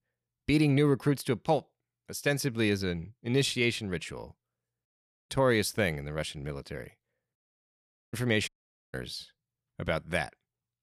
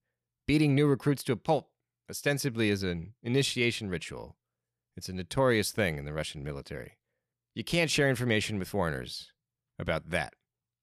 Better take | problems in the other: second | audio cutting out; at 5 s, at 7.5 s for 1 s and at 8.5 s

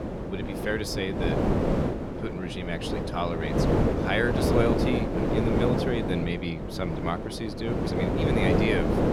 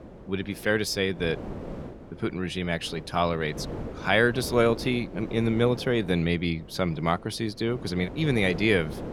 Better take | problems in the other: second | wind noise on the microphone; heavy; 1 dB above the speech; occasional gusts in the second

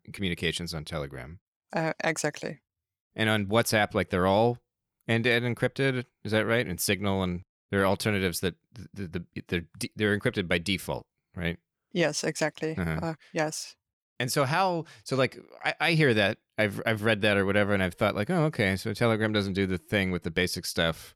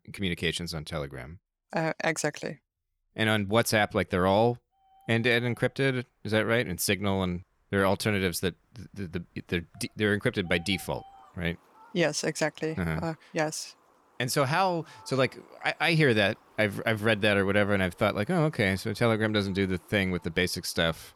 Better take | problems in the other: first | animal sounds; faint; throughout; 30 dB below the speech

